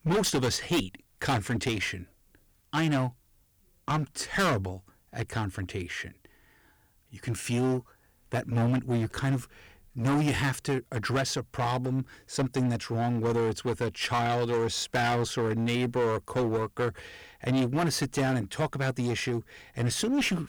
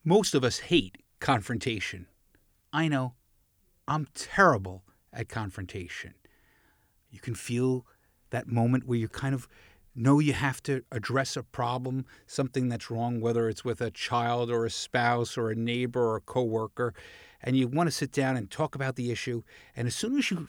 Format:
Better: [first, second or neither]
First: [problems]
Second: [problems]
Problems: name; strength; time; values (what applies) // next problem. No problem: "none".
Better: second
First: distortion; heavy; 13% of the sound clipped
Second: none